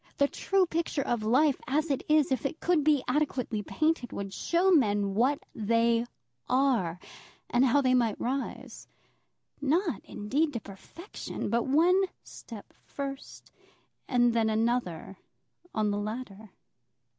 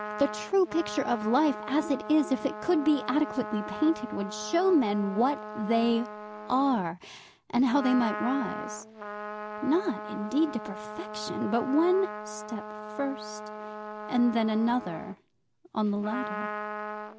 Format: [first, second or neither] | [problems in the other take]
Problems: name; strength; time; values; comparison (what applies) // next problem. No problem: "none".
first | background sound (Trumpet); 10 dB below the speech